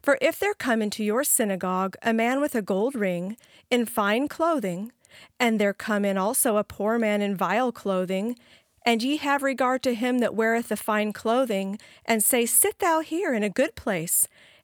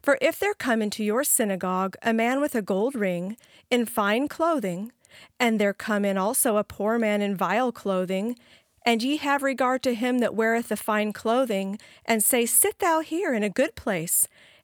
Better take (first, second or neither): neither